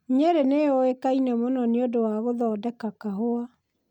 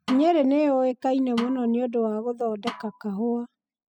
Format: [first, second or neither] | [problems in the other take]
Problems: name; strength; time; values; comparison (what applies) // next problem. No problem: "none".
first | noise reduction (classical method spectral subtraction)